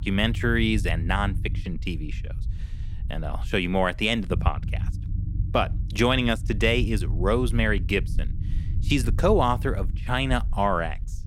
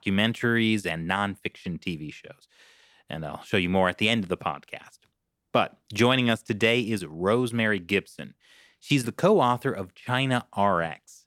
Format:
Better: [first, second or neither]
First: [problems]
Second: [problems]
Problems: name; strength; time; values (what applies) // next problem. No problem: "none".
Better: second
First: low rumble; faint; throughout; 20 dB below the speech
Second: none